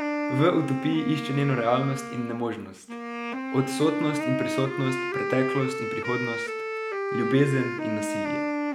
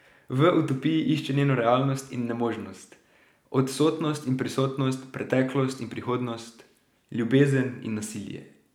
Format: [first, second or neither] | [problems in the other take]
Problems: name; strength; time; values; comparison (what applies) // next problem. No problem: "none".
second | background sound (Wind instrument, woodwind instrument); 3 dB below the speech